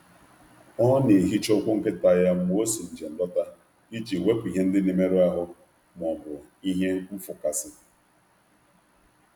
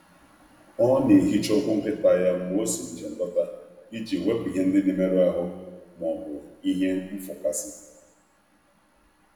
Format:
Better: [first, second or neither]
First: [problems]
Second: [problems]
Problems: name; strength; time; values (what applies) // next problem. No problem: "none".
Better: first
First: none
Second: room echo; dies away in 1.1 s